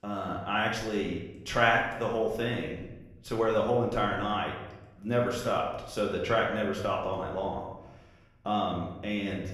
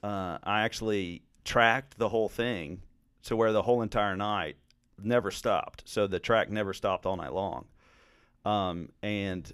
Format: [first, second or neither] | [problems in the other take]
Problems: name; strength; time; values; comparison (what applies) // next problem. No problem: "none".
second | room echo; noticeable; dies away in 0.9 s // off-mic speech; far